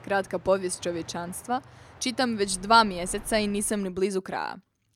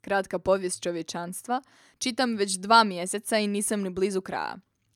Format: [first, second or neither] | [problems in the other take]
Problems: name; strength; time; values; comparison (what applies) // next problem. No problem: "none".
second | train or aircraft noise; faint; until 3.5 s; 20 dB below the speech